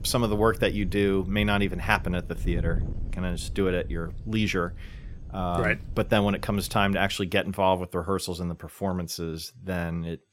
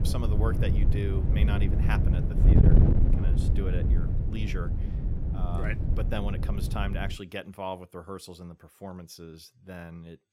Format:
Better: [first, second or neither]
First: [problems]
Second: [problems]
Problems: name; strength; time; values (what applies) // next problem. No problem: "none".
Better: first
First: wind noise on the microphone; occasional gusts; until 7 s; 25 dB below the speech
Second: wind noise on the microphone; heavy; until 7 s; as loud as the speech